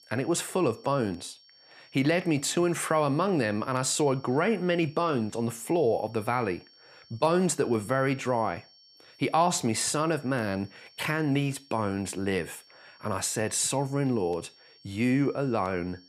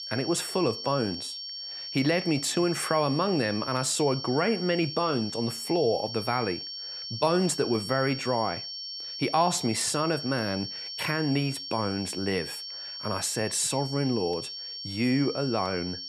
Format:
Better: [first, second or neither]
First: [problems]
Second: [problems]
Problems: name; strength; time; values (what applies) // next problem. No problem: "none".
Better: first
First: high-pitched whine; faint; throughout; 5.5 kHz, 25 dB below the speech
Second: high-pitched whine; loud; throughout; 5.5 kHz, 7 dB below the speech